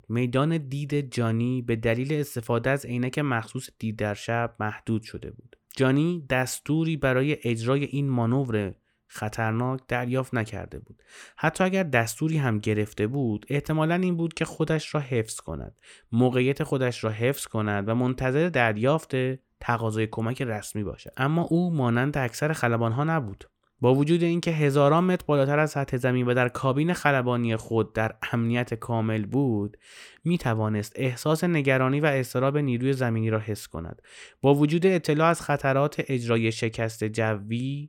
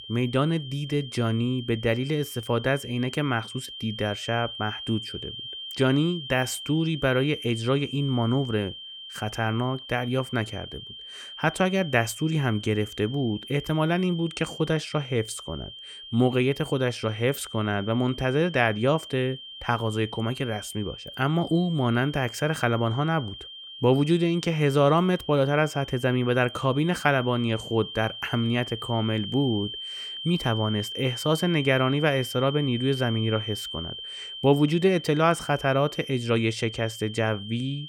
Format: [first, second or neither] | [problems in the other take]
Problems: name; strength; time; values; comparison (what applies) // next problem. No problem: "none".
first | high-pitched whine; noticeable; throughout; 3 kHz, 10 dB below the speech